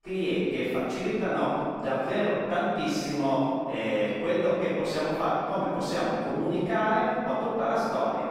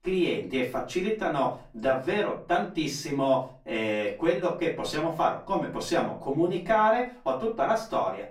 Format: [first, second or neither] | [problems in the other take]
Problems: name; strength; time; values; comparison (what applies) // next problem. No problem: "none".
second | room echo; strong; dies away in 2.5 s; slight in the second // off-mic speech; far; far in the second